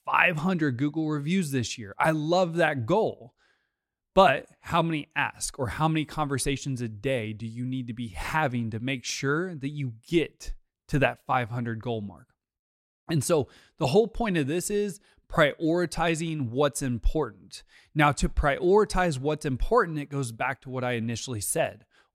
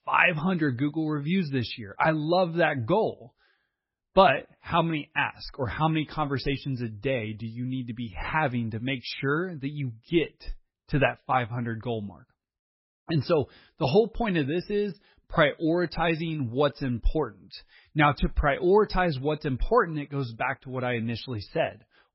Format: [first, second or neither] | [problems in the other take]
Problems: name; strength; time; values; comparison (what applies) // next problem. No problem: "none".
first | garbled, watery; badly; nothing above 5.5 kHz